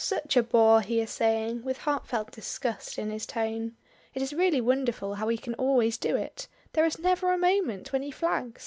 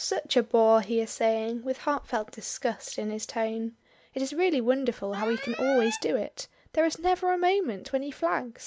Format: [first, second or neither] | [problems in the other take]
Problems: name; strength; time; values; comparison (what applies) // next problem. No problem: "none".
first | background sound (Alarm); 12 dB below the speech